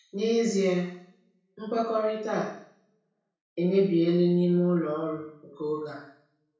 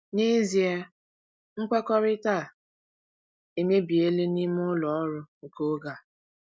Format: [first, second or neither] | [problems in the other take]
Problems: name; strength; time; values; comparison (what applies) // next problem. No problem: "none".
second | room echo; dies away in 0.6 s